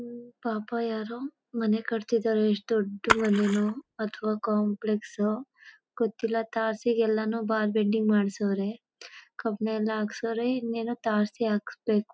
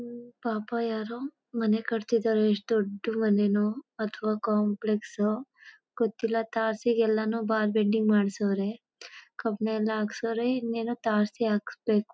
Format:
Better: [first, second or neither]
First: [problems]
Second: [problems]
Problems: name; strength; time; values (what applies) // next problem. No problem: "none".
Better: second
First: background sound (Splash, splatter); 5 dB below the speech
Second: none